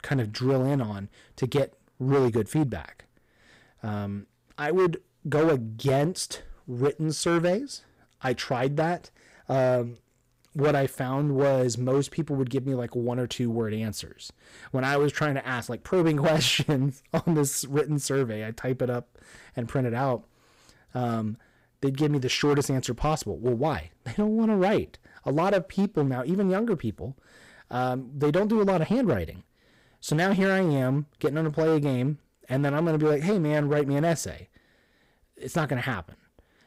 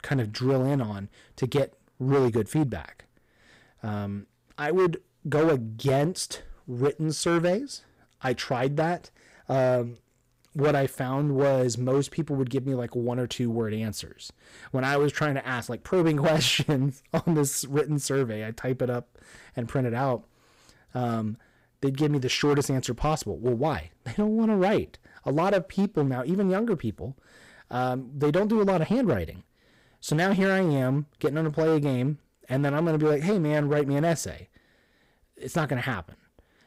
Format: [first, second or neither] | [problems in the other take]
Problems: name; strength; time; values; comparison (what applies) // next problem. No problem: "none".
neither | distortion; slight; 6% of the sound clipped; the same in both